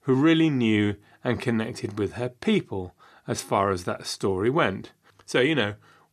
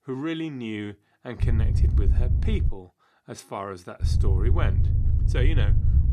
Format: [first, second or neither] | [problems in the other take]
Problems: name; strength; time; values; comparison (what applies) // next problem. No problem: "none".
first | low rumble; loud; from 1.5 to 2.5 s and from 4 s on; 5 dB below the speech